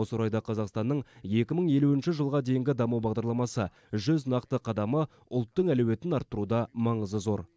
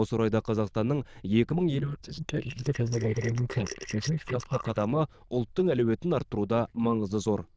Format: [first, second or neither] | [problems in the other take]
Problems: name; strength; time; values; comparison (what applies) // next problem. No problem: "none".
first | noise reduction (neural diffusion model UNIVERSE++)